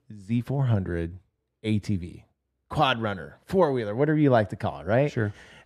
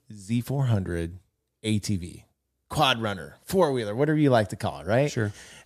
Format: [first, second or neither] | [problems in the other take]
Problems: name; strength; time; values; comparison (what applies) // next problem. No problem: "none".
second | muffled; slightly; fading above 4 kHz